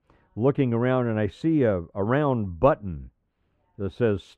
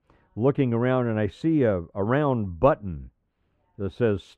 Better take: neither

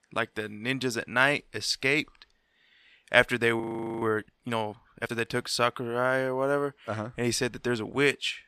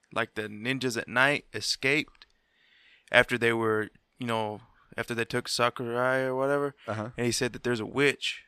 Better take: second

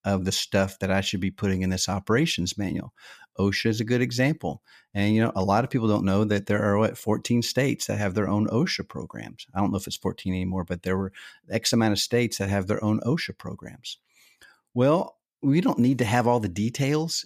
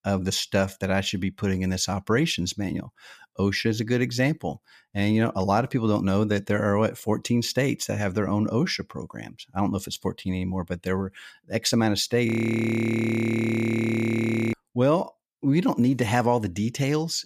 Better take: first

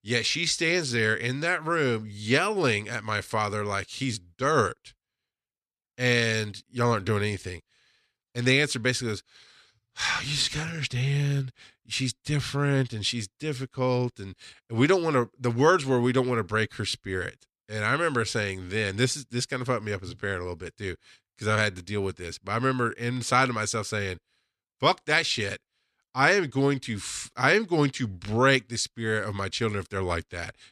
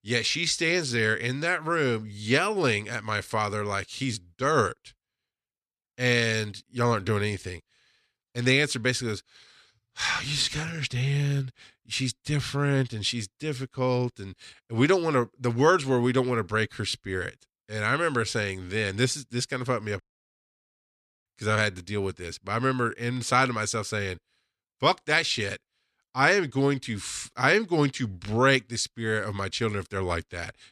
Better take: first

